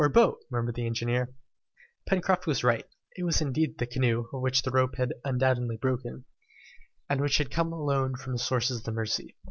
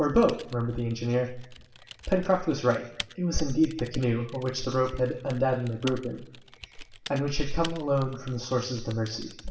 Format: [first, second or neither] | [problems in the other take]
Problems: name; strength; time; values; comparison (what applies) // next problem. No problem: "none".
first | background sound (Typing); 19 dB below the speech // room echo; dies away in 0.8 s